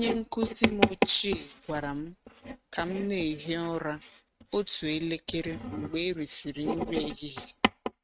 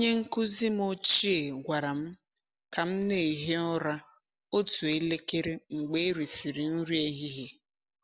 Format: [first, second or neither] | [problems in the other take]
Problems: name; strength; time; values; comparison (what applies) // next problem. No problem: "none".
second | noise reduction (neural mask model RNNoise)